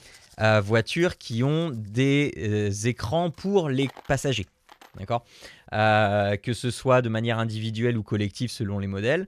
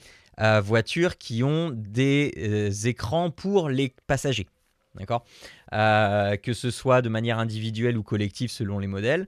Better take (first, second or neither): second